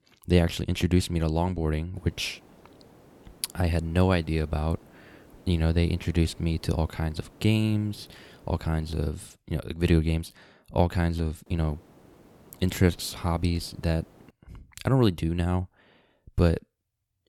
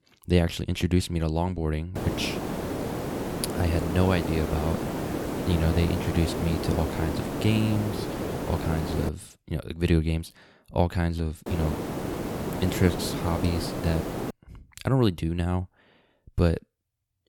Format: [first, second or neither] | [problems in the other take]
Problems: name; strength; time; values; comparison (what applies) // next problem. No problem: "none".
first | hiss; loud; from 2 to 9 s and from 11 to 14 s; 4 dB below the speech; faint in the first